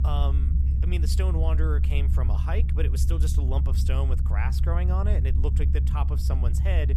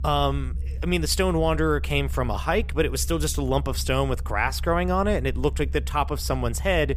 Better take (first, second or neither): second